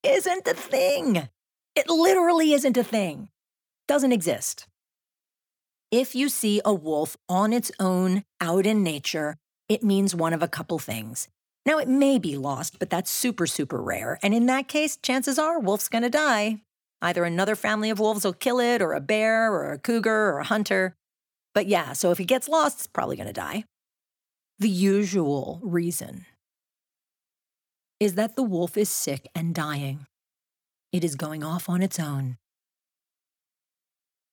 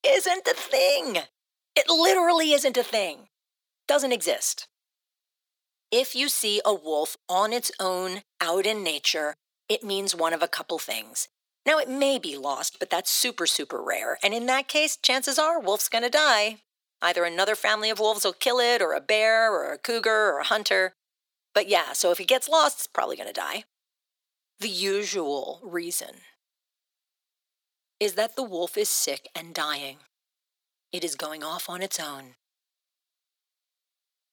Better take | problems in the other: first | thin; very; fading below 400 Hz

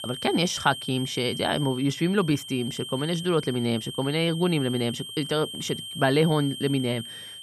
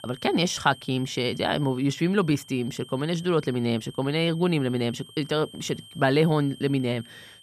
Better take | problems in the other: second | high-pitched whine; loud; throughout; 3 kHz, 9 dB below the speech; faint in the second

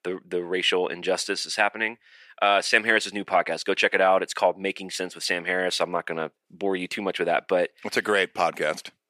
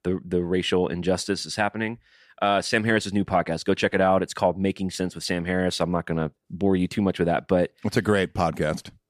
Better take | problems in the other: second | thin; somewhat; fading below 450 Hz

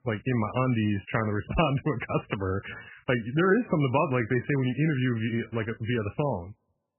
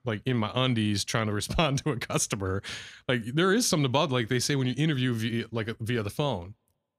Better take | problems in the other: second | garbled, watery; badly; nothing above 3 kHz

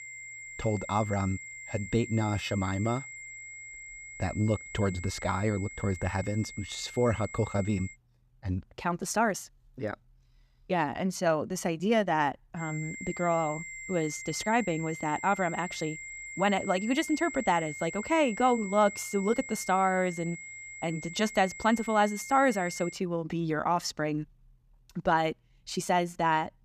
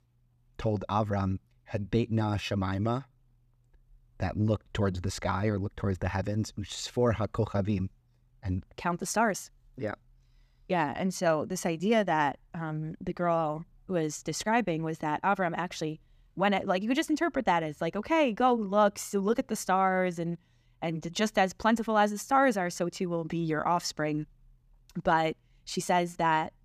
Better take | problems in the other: second | high-pitched whine; noticeable; until 8 s and from 13 to 23 s; 2 kHz, 10 dB below the speech

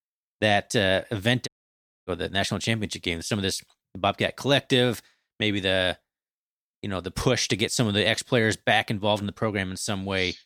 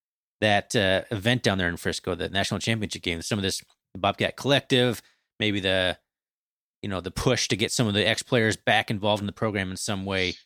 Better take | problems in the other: second | audio cutting out; at 1.5 s for 0.5 s

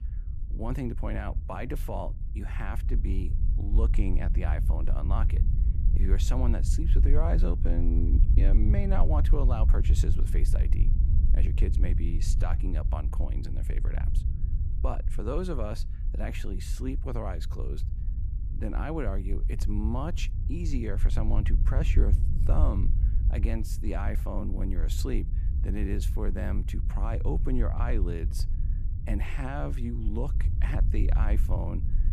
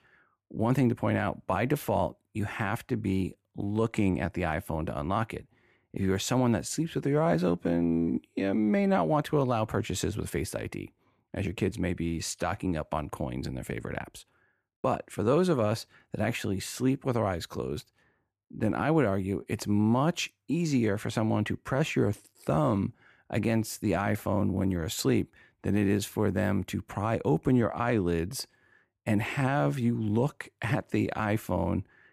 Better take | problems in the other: second | low rumble; loud; throughout; 9 dB below the speech

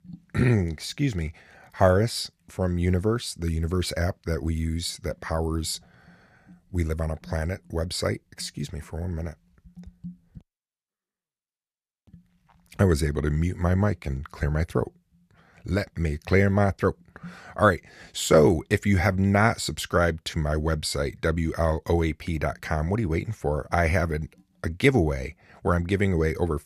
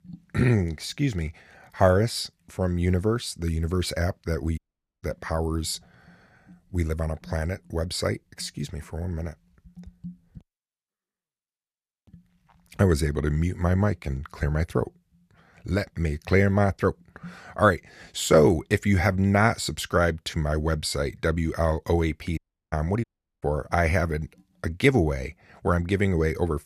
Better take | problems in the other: first | audio cutting out; at 4.5 s, at 22 s and at 23 s

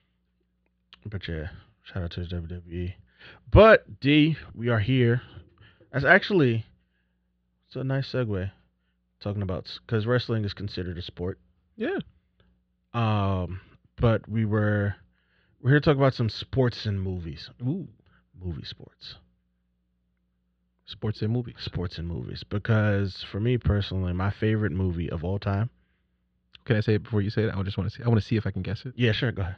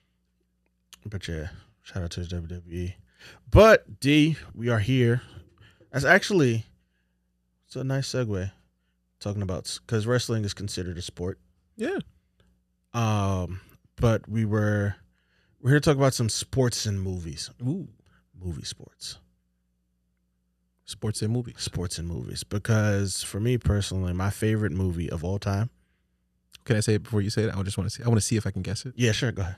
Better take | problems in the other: second | muffled; slightly; fading above 4 kHz

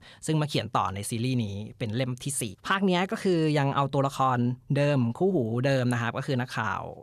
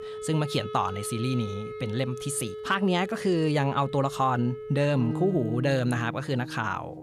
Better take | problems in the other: first | background music; loud; throughout; 10 dB below the speech

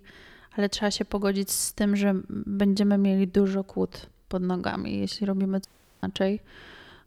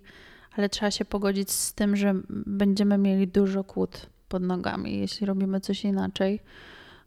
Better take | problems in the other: second | audio cutting out; at 5.5 s

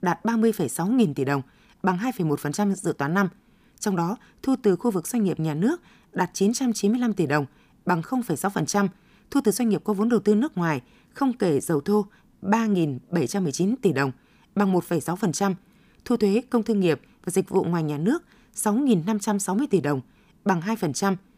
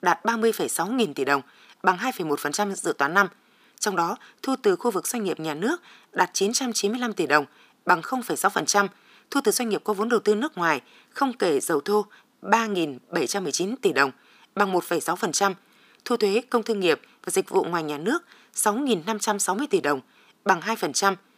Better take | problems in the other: first | thin; somewhat; fading below 400 Hz

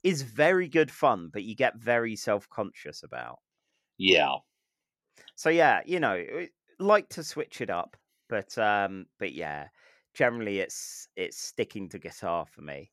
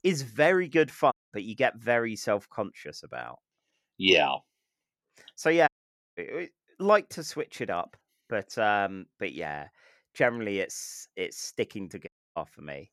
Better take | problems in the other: first | audio cutting out; at 1 s, at 5.5 s and at 12 s

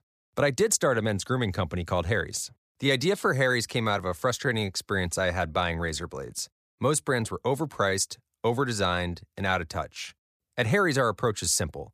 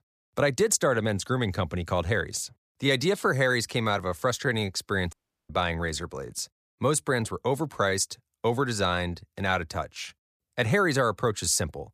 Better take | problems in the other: first | audio cutting out; at 5 s

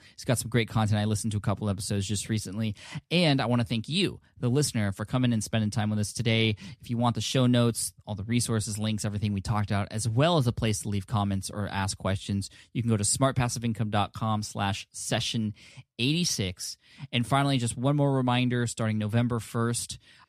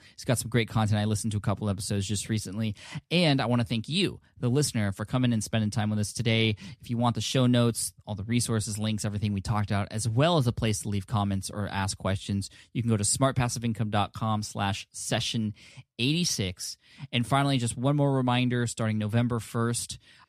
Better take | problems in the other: neither | none

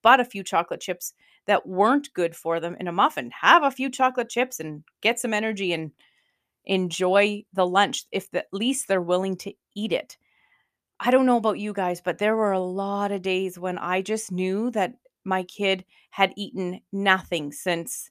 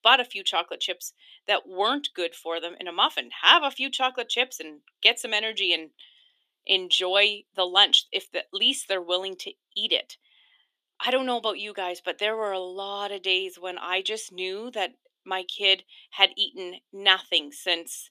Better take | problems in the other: first | thin; somewhat; fading below 300 Hz

